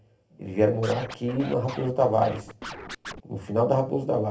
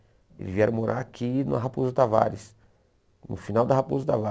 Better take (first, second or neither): second